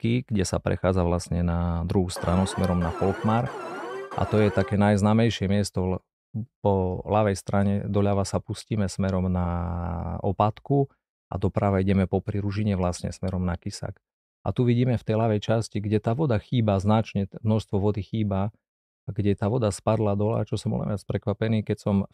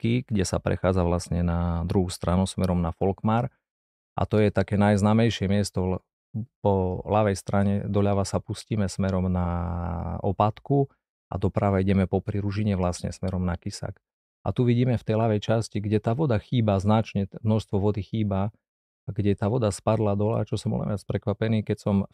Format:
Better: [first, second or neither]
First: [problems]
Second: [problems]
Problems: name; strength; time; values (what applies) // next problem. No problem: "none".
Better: second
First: alarm; noticeable; from 2 to 4.5 s; peak 8 dB below the speech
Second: none